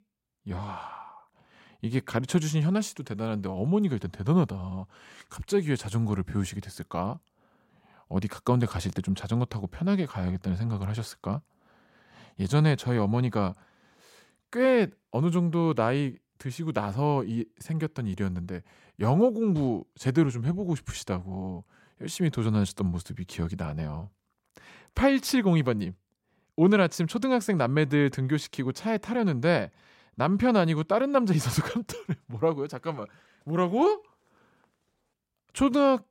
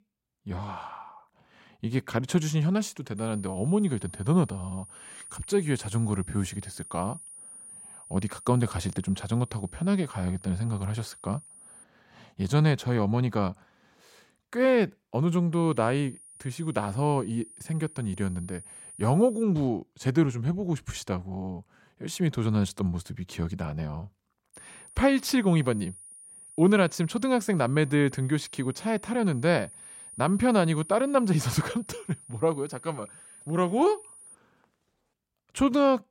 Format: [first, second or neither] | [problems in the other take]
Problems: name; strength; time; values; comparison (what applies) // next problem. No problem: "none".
first | high-pitched whine; noticeable; from 3 to 12 s, from 16 to 19 s and from 25 to 34 s; 9.5 kHz, 20 dB below the speech